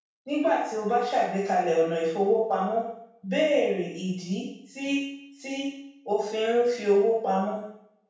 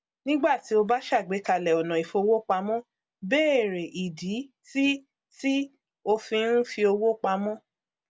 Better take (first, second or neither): second